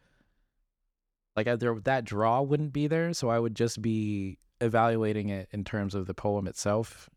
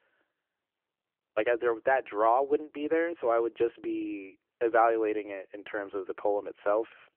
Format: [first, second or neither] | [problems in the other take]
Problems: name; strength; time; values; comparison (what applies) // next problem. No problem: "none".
first | phone-call audio